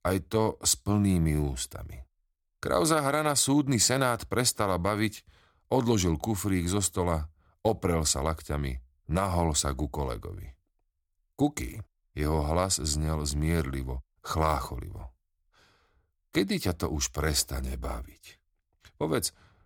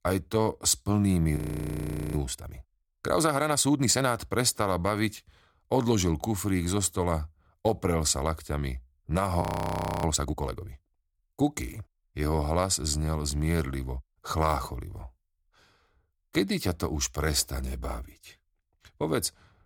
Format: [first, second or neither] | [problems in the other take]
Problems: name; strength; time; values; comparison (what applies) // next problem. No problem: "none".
first | audio freezing; at 1.5 s for 1 s and at 9.5 s for 0.5 s